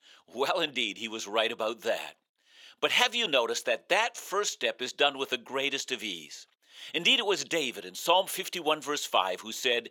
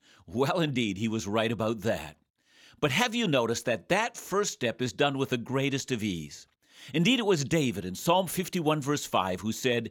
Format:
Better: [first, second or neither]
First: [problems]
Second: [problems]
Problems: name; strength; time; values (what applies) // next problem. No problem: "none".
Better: second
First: thin; somewhat; fading below 550 Hz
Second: none